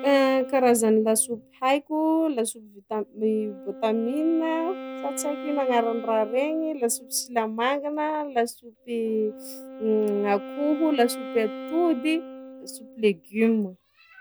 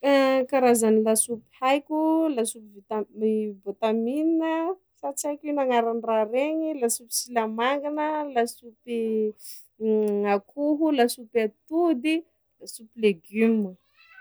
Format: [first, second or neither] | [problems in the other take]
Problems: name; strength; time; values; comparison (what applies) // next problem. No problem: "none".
second | background sound (Wind instrument, woodwind instrument); 14 dB below the speech